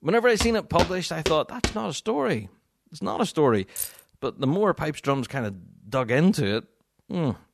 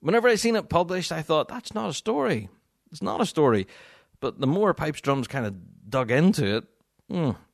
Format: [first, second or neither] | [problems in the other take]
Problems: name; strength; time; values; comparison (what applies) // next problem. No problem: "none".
second | footsteps; noticeable; until 1.5 s; peak 3 dB below the speech // jangling keys; noticeable; at 4 s; peak 7 dB below the speech